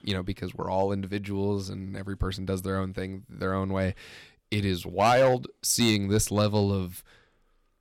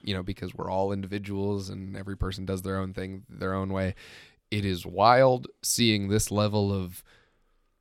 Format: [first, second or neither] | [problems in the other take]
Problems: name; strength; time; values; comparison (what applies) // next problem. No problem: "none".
second | distortion; slight; 1.5% of the sound clipped